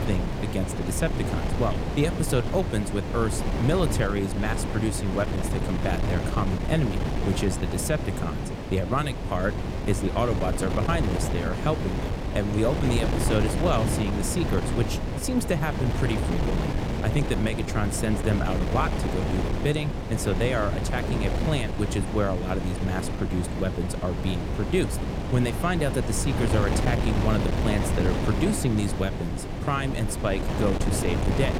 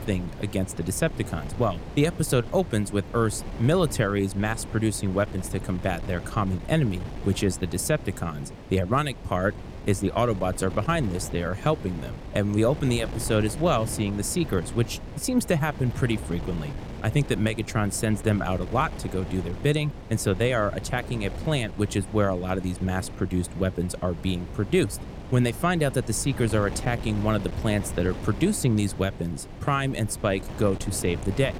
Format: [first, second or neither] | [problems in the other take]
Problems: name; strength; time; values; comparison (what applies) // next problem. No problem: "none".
second | wind noise on the microphone; heavy; 3 dB below the speech; occasional gusts in the second